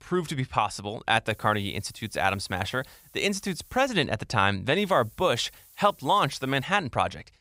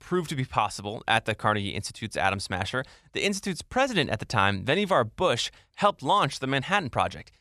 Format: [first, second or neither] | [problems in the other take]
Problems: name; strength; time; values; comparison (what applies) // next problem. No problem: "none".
second | hiss; faint; from 1.5 to 4 s and from 5 to 6.5 s; 25 dB below the speech